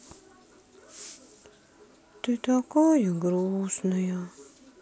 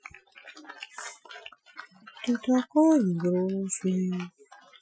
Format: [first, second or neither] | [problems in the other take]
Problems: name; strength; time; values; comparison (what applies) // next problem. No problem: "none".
first | noise reduction (classical method Wiener filter)